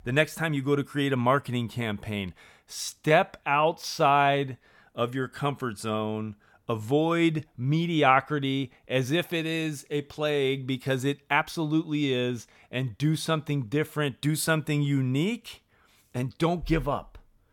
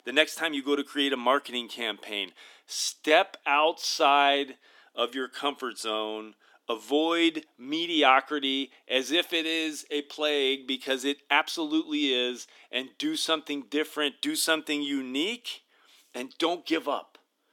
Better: first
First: none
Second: thin; very slightly; fading below 300 Hz

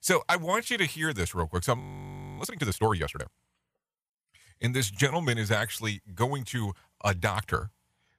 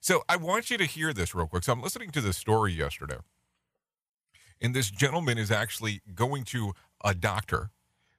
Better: second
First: audio freezing; at 2 s for 0.5 s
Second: none

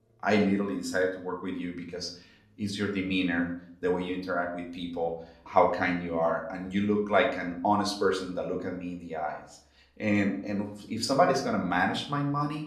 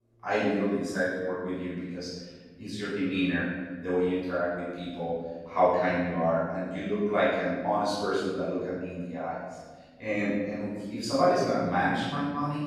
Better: first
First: room echo; slight; dies away in 0.5 s // off-mic speech; somewhat distant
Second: room echo; strong; dies away in 1.6 s // off-mic speech; far

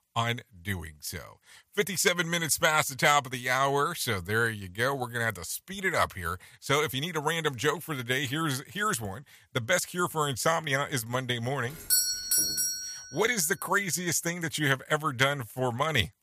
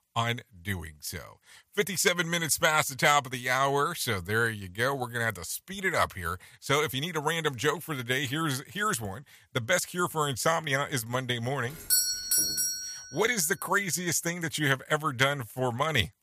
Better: neither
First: doorbell; loud; from 12 to 13 s; peak 4 dB above the speech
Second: doorbell; loud; from 12 to 13 s; peak 4 dB above the speech

